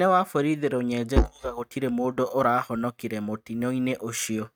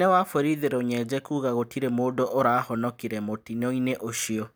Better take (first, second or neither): second